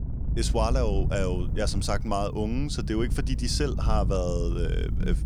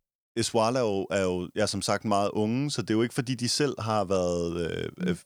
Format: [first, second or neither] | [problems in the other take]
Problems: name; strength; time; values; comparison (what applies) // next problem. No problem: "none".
second | low rumble; noticeable; throughout; 15 dB below the speech